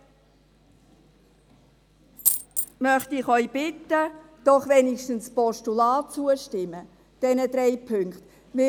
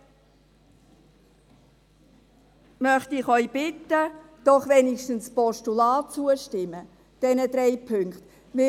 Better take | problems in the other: second | background sound (Coin (dropping)); 4 dB below the speech

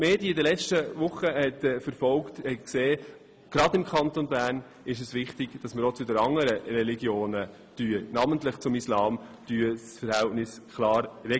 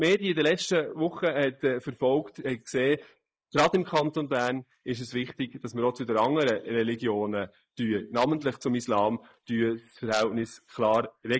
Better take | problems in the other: first | noise reduction (neural mask model Resemble Enhance denoiser)

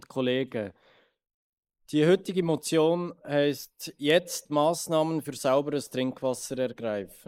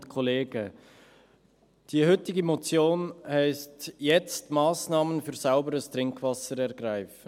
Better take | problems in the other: second | noise reduction (neural mask model Resemble Enhance denoiser)

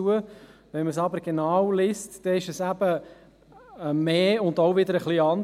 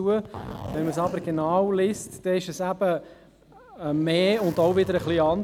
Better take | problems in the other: first | background sound (Zipper (clothing)); 15 dB below the speech

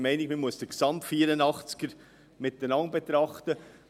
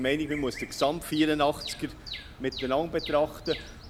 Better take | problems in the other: first | background sound (Bird vocalization, bird call, bird song); 12 dB below the speech

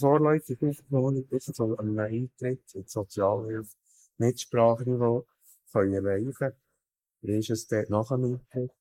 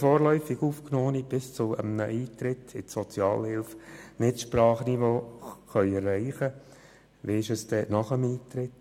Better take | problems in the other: second | noise reduction (neural mask model Resemble Enhance denoiser)

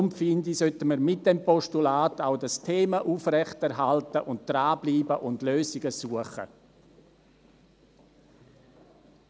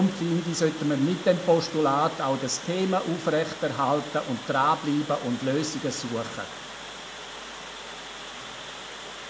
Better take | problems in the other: first | background sound (Water); 12 dB below the speech // room echo; dies away in 0.5 s

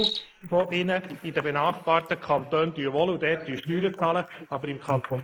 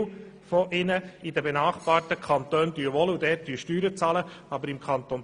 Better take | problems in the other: second | noise reduction (neural mask model Resemble Enhance denoiser)

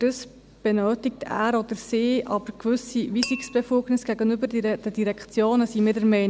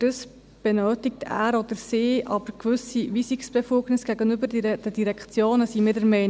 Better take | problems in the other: second | background sound (Glass); 13 dB below the speech

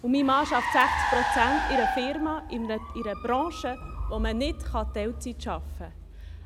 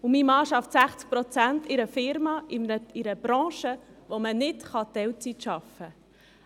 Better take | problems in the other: second | background sound (Car); 2 dB below the speech

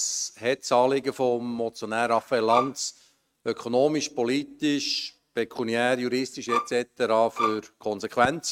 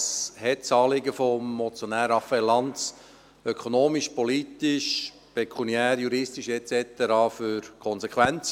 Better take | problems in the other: second | noise reduction (neural mask model RNNoise)

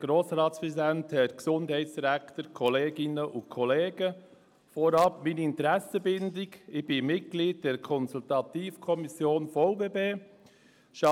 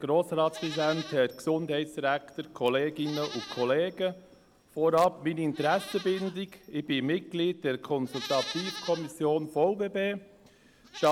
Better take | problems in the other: first | background sound (Livestock, farm animals, working animals); 16 dB below the speech

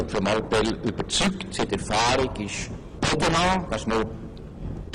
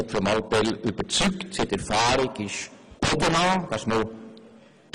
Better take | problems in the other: second | background sound (Thunder); 11 dB below the speech

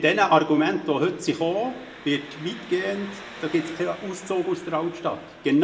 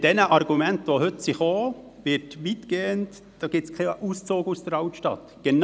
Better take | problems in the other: second | background sound (Engine); 19 dB below the speech // room echo; dies away in 0.6 s

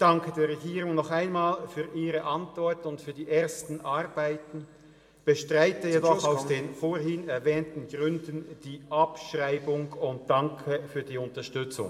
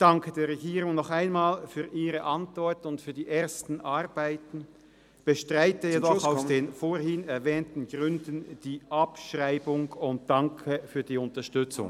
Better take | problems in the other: second | room echo; dies away in 1.3 s

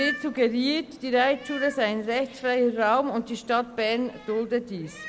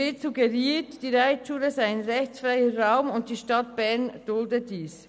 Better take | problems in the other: second | background sound (Meow); 14 dB below the speech

